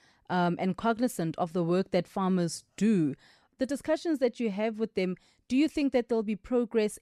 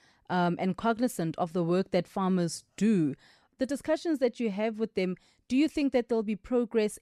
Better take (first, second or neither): neither